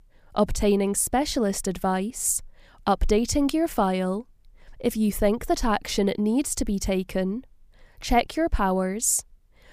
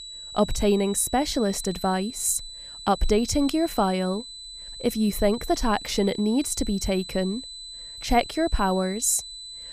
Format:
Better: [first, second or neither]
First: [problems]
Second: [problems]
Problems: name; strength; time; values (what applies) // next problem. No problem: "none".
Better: first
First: none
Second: high-pitched whine; noticeable; throughout; 4 kHz, 10 dB below the speech